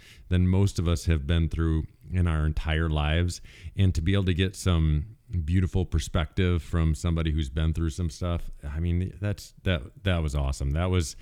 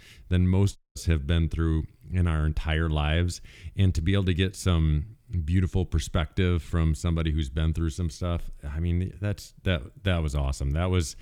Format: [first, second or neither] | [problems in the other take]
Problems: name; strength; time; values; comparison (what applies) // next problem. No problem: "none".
first | audio cutting out; at 1 s